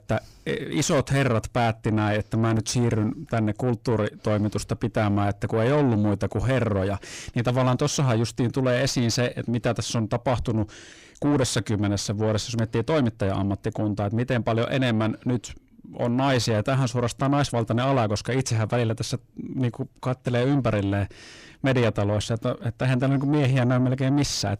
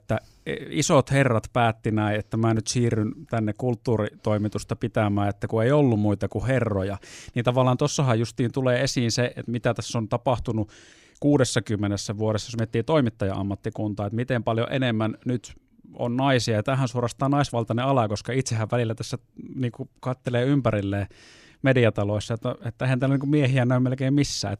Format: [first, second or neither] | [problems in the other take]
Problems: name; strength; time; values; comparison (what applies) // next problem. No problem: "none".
second | distortion; slight; 10 dB below the speech